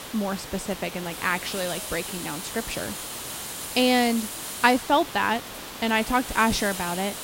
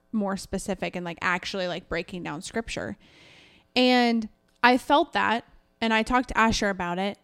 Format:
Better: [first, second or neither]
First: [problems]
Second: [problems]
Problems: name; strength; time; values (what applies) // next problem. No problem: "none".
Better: second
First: hiss; loud; throughout; 8 dB below the speech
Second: none